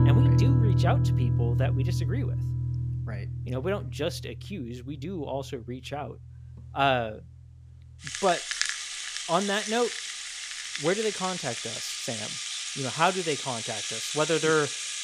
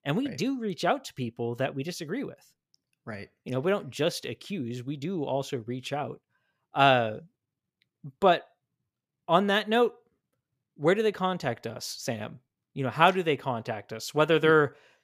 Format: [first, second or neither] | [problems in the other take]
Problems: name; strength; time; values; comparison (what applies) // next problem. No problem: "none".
second | background music; very loud; throughout; 2 dB above the speech